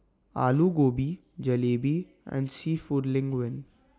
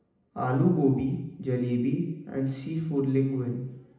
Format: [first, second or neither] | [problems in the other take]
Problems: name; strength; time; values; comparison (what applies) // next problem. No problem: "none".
first | room echo; dies away in 0.8 s